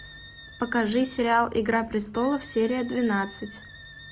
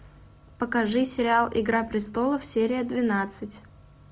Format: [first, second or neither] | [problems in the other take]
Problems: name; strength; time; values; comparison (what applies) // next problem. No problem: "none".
second | background sound (Wind instrument, woodwind instrument); 20 dB below the speech